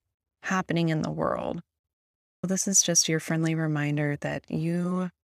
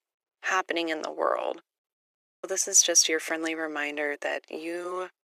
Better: first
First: none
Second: thin; very; fading below 350 Hz

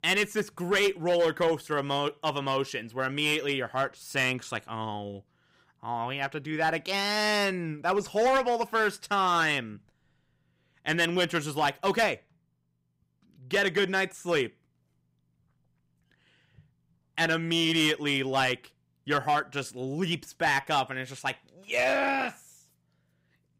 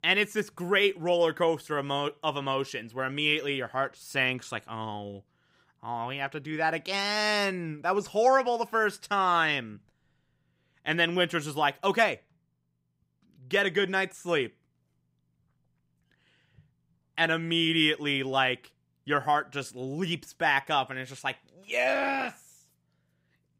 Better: second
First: distortion; slight; 4% of the sound clipped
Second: none

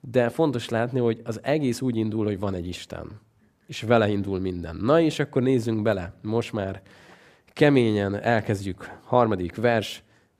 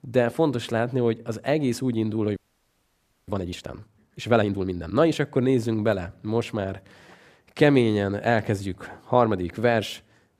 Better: first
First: none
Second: audio freezing; at 2.5 s for 1 s

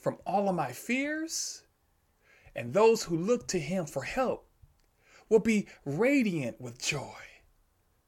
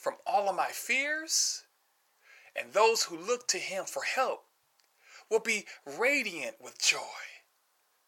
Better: first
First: none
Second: thin; very; fading below 750 Hz

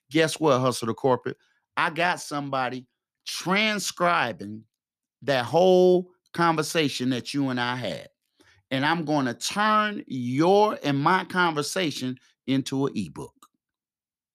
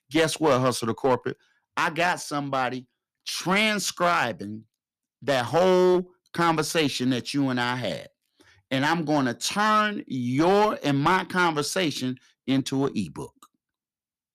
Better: first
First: none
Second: distortion; slight; 4% of the sound clipped

